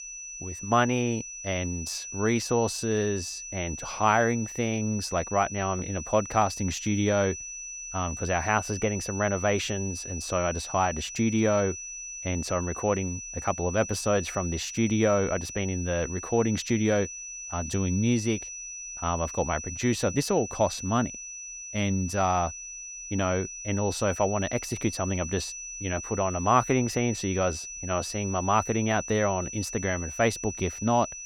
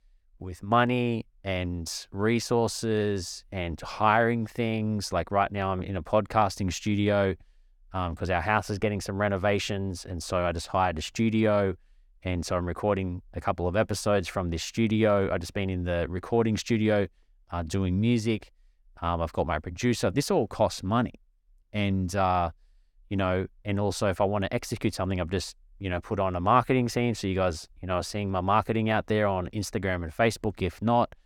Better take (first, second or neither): second